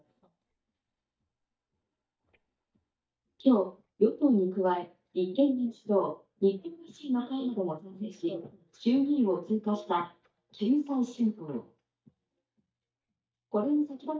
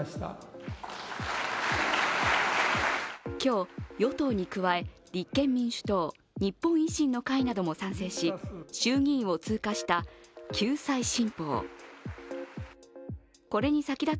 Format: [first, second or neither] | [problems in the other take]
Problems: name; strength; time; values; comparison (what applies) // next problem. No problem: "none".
second | noise reduction (neural mask model DeepFilterNet 3)